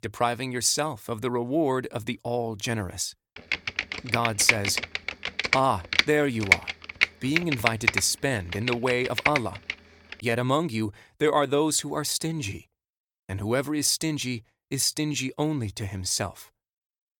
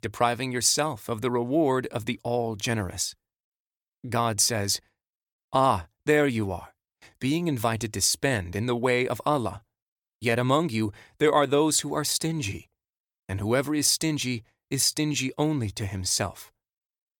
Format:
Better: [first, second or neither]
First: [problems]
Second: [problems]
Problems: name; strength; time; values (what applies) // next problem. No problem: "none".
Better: second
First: keyboard typing; loud; from 3.5 to 9.5 s; peak 5 dB above the speech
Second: none